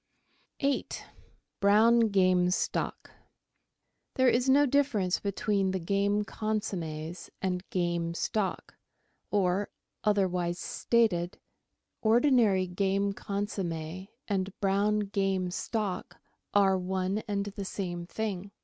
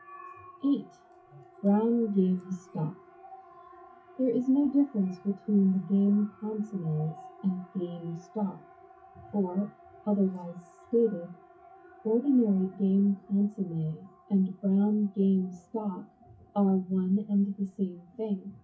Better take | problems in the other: first | noise reduction (classical method WPE with log-MMSE)

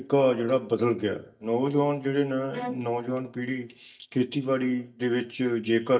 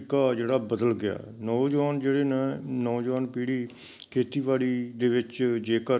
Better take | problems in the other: second | noise reduction (neural mask model DeepFilterNet 3)

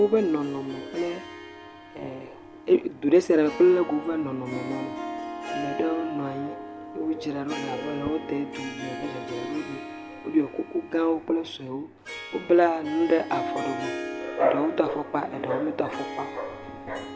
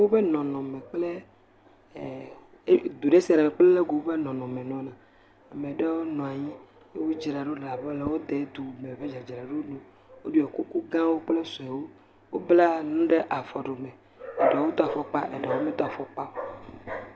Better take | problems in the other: second | background sound (Harp); 10 dB below the speech

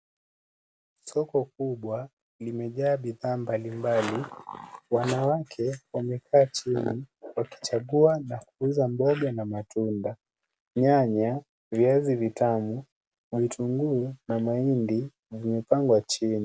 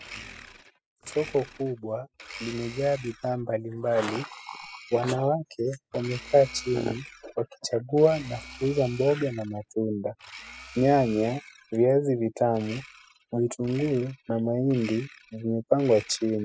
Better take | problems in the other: first | noise reduction (classical method spectral subtraction)

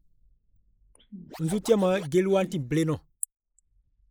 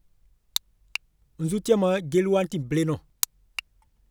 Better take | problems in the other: second | noise reduction (neural mask model Resemble Enhance denoiser)

